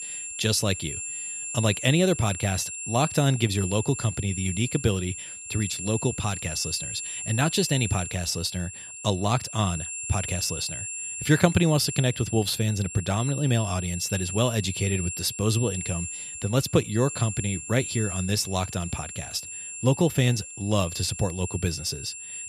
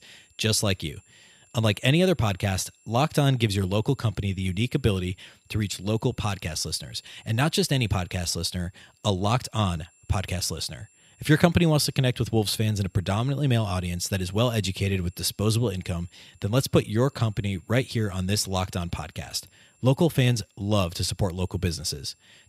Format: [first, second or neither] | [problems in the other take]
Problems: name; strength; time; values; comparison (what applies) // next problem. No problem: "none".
second | high-pitched whine; loud; throughout; 7.5 kHz, 7 dB below the speech; faint in the second